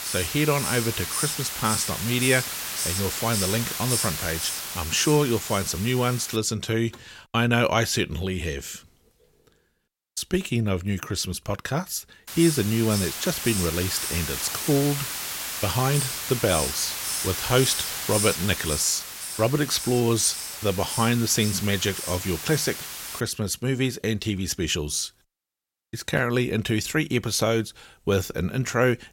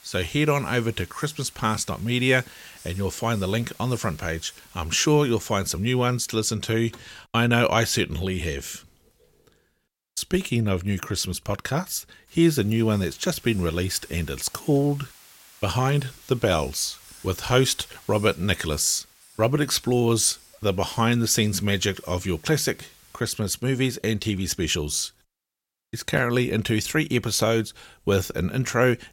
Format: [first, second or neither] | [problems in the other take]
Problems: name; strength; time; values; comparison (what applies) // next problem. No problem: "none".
second | hiss; loud; until 6.5 s and from 12 to 23 s; 3 dB below the speech; faint in the second